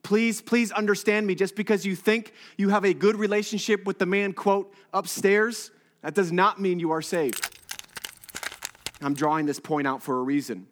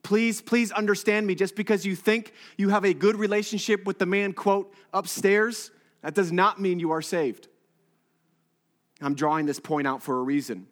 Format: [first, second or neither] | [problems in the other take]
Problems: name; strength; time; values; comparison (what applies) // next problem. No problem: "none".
second | jangling keys; noticeable; from 7 to 9 s; peak 7 dB below the speech